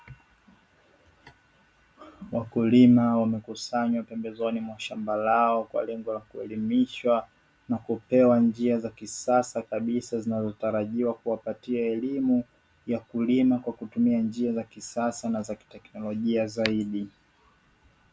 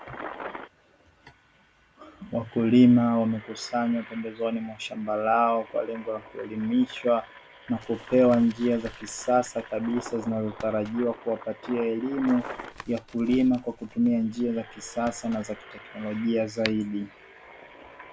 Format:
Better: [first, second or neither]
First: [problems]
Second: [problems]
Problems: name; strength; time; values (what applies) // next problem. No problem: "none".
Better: first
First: none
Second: background sound (Tap + Engine); 18 dB below the speech